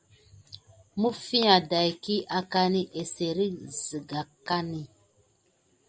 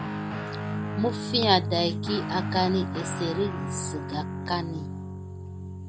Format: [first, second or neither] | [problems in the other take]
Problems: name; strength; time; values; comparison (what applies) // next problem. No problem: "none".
first | background sound (Guitar); 3 dB below the speech